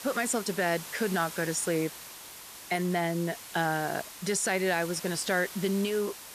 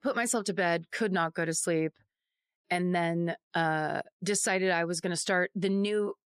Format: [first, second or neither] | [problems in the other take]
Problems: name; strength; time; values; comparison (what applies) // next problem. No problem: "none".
second | hiss; noticeable; throughout; 10 dB below the speech